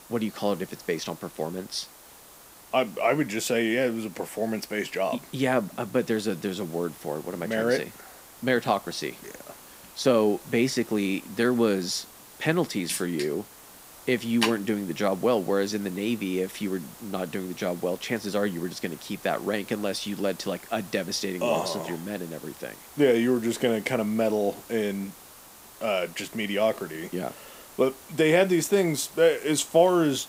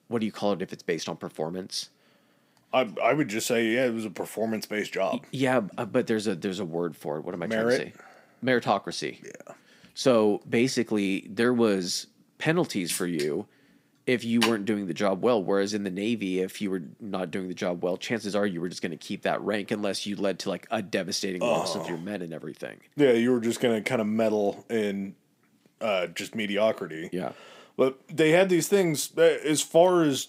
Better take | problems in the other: second | hiss; noticeable; throughout; 20 dB below the speech

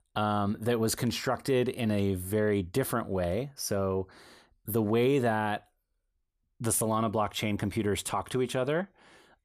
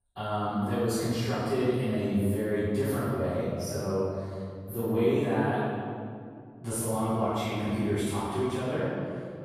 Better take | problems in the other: first | off-mic speech; far // room echo; strong; dies away in 2.2 s

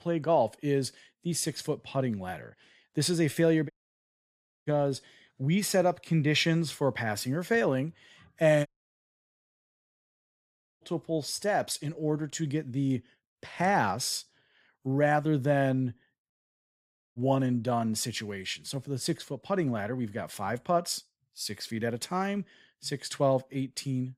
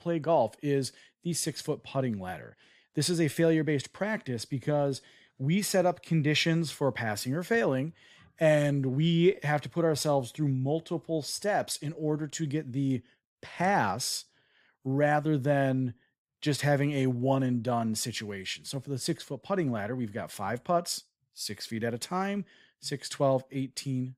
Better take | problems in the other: second | audio cutting out; at 3.5 s for 1 s, at 8.5 s for 2 s and at 16 s for 1 s

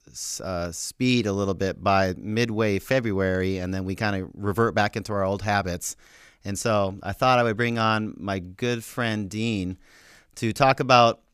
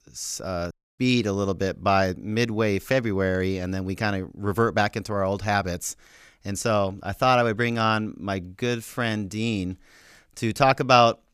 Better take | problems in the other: first | audio cutting out; at 0.5 s

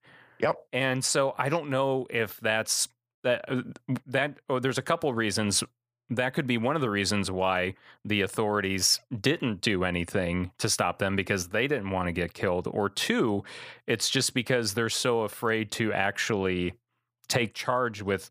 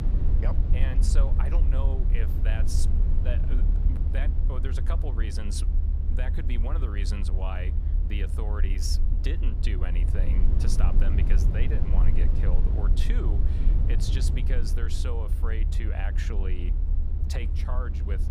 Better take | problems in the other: first | low rumble; loud; throughout; 4 dB below the speech

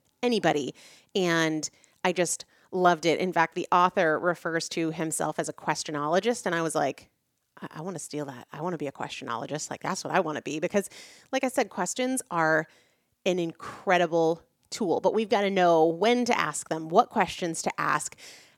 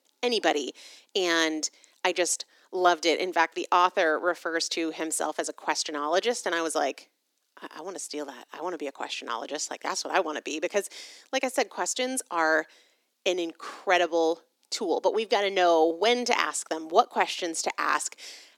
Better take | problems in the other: first | thin; somewhat; fading below 300 Hz

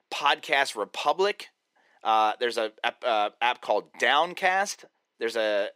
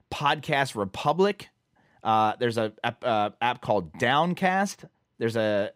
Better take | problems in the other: second | thin; very; fading below 350 Hz

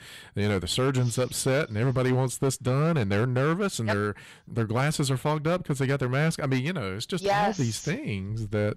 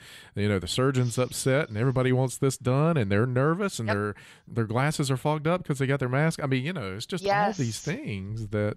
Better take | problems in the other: second | distortion; slight; 8% of the sound clipped

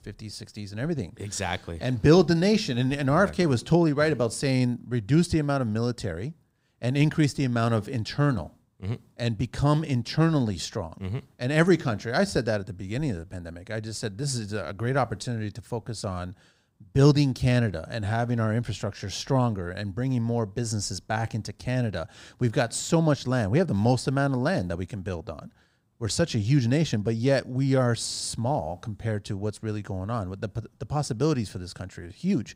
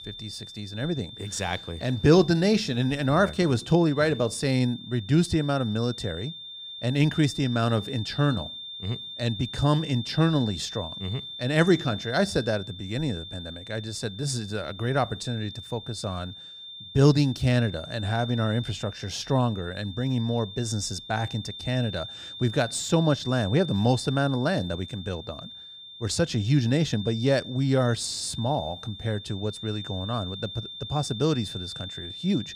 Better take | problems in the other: first | high-pitched whine; noticeable; throughout; 3.5 kHz, 10 dB below the speech

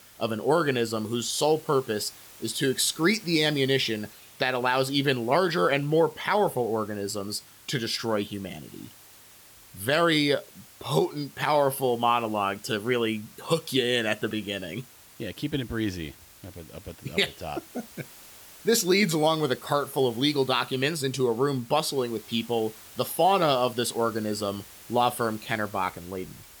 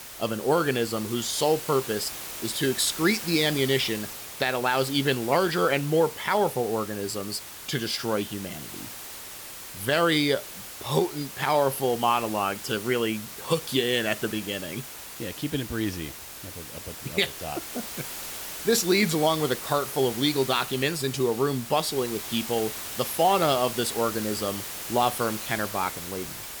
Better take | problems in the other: first | hiss; loud; throughout; 9 dB below the speech; faint in the first

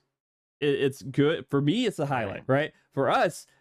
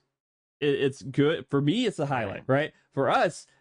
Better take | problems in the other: first | garbled, watery; slightly

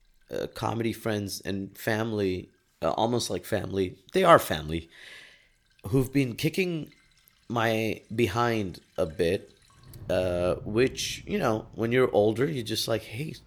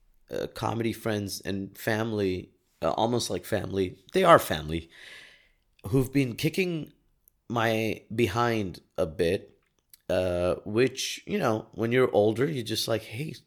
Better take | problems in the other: second | rain or running water; faint; throughout; 25 dB below the speech

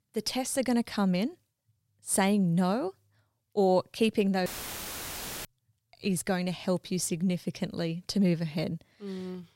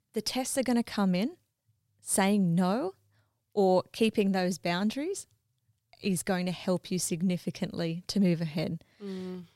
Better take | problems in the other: second | audio cutting out; filled with static; at 4.5 s for 1 s

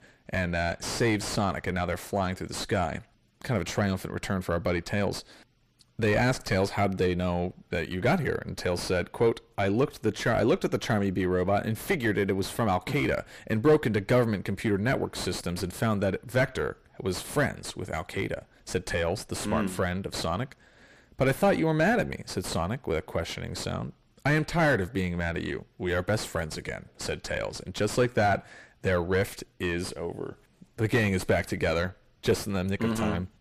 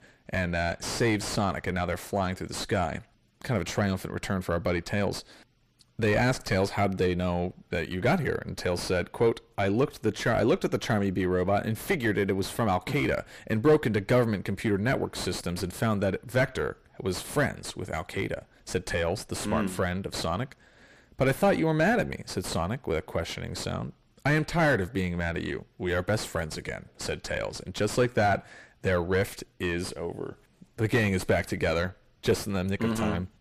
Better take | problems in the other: neither | distortion; heavy; 5 dB below the speech; the same in both

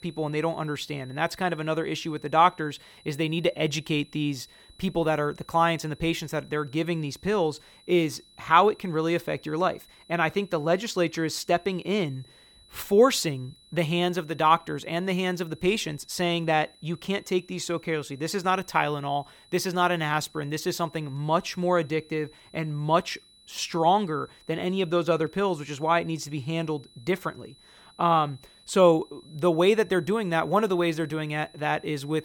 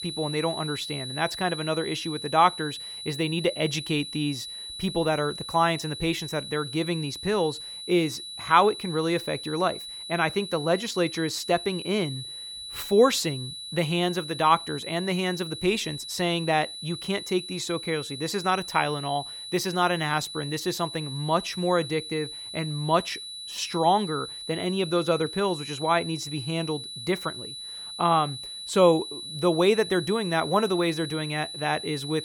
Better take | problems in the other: first | high-pitched whine; loud; throughout; 4 kHz, 9 dB below the speech; faint in the first

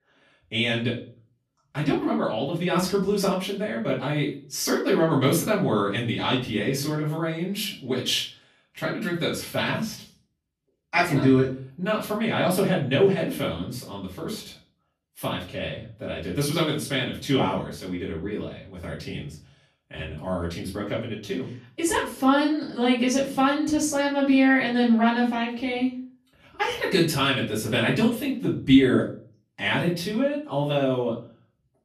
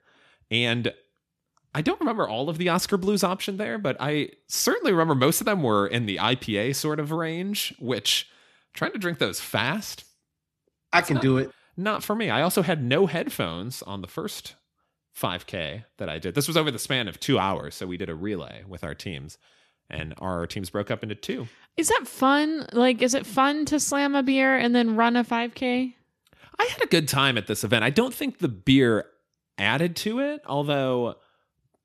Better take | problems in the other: second | off-mic speech; far // room echo; slight; dies away in 0.4 s

